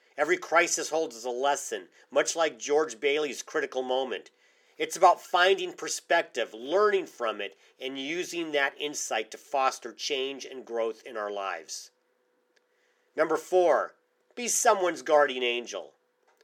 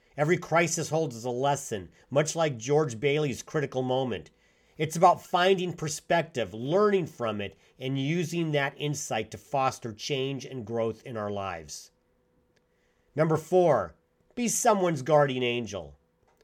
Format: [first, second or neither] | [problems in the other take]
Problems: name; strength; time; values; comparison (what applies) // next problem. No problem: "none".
second | thin; somewhat; fading below 300 Hz